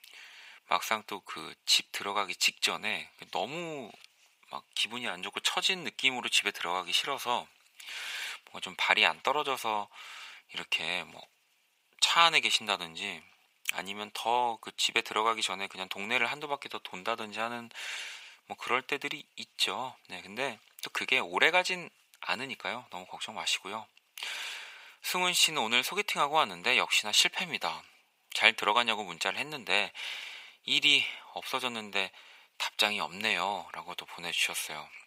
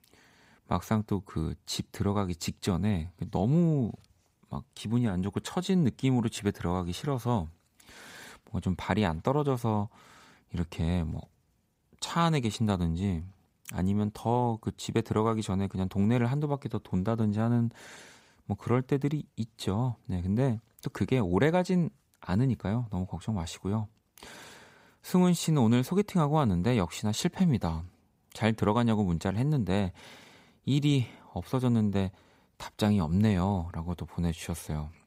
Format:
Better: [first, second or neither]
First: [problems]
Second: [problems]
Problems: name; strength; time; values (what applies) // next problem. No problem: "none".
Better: second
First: thin; very; fading below 900 Hz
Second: none